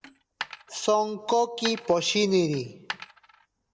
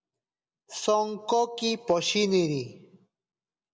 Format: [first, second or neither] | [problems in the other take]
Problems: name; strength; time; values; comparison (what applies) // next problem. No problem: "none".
second | background sound (Coin (dropping)); 16 dB below the speech